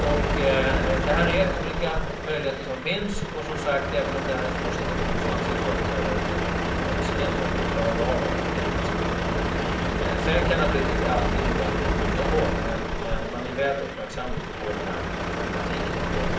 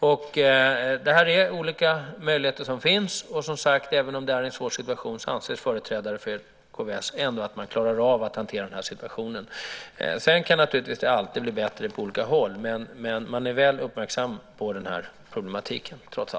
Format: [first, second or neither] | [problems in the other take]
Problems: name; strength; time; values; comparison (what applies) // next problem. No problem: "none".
second | background sound (Truck); 4 dB above the speech // room echo; dies away in 0.6 s